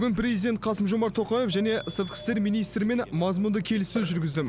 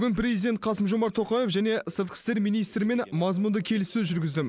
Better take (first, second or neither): second